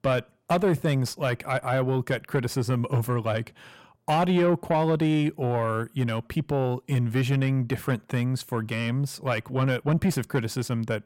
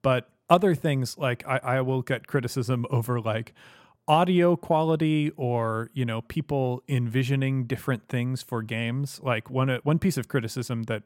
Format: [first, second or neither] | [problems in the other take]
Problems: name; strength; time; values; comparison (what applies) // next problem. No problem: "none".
second | distortion; slight; 10 dB below the speech